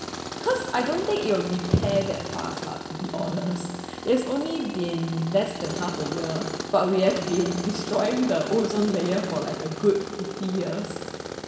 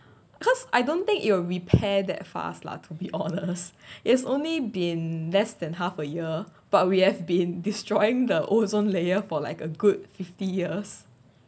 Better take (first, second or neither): second